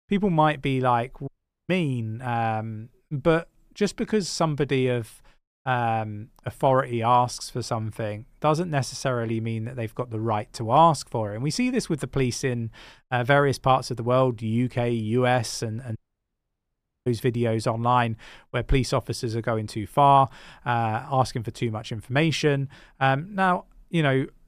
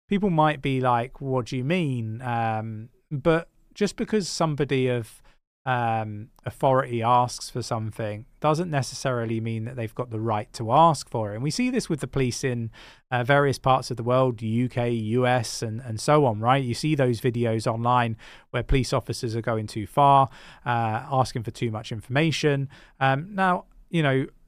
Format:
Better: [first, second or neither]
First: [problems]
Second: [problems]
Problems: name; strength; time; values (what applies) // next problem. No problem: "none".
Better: second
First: audio cutting out; at 1.5 s and at 16 s for 1 s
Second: none